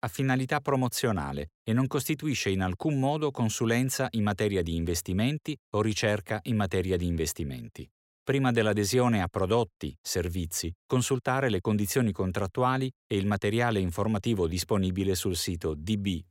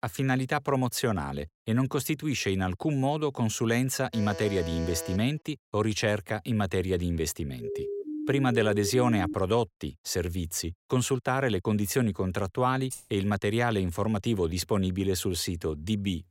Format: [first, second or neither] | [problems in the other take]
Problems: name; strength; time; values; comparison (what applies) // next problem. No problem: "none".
first | alarm; noticeable; from 4 to 5.5 s; peak 10 dB below the speech // siren; noticeable; from 7.5 to 9.5 s; peak 6 dB below the speech // jangling keys; faint; at 13 s; peak 15 dB below the speech